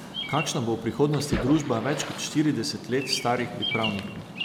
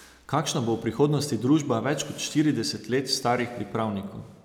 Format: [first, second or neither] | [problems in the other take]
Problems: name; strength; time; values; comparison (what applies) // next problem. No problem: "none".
second | background sound (Splash, splatter + Bird vocalization, bird call, bird song); 8 dB below the speech